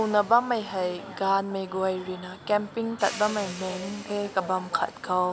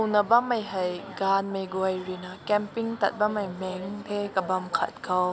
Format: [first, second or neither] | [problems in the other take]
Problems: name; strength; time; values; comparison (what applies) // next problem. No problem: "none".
second | background sound (Hi-hat); 19 dB below the speech